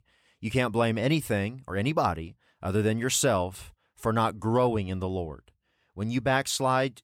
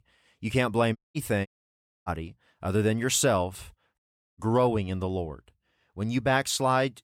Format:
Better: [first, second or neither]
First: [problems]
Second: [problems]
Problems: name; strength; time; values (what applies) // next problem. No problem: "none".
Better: first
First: none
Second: audio cutting out; at 1 s, at 1.5 s for 0.5 s and at 4 s